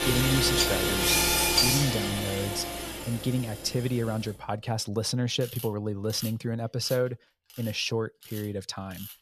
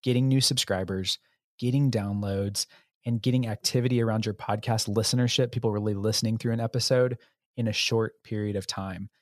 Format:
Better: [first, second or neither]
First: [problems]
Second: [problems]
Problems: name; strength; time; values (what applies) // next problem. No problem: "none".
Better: second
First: machinery noise; very loud; throughout; 5 dB above the speech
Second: none